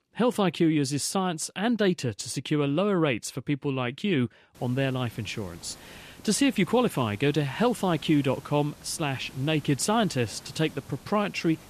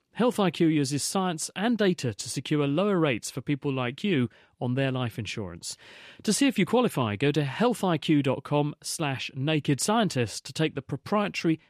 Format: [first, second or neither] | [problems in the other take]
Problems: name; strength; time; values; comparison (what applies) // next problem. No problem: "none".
second | hiss; faint; from 4.5 s on; 20 dB below the speech